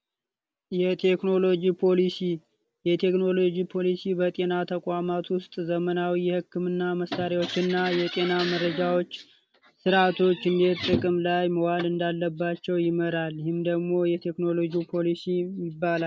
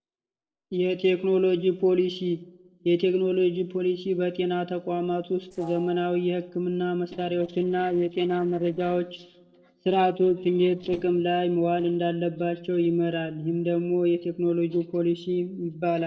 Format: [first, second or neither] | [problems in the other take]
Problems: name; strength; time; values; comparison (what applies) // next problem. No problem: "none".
first | noise reduction (neural separator model SepFormer DNS4)